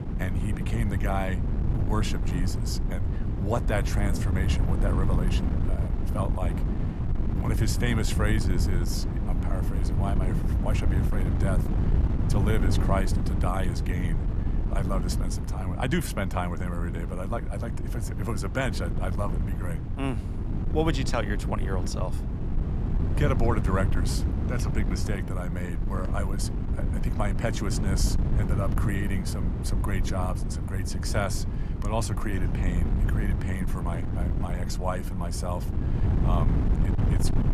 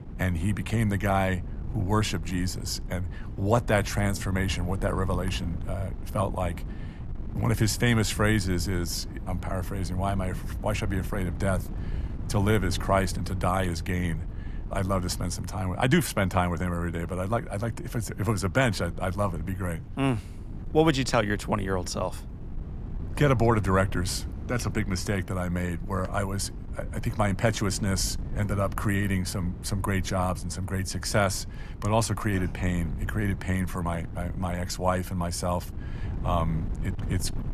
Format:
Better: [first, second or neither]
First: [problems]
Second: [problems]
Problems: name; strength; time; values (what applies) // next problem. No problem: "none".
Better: second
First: wind noise on the microphone; heavy; 5 dB below the speech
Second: wind noise on the microphone; occasional gusts; 20 dB below the speech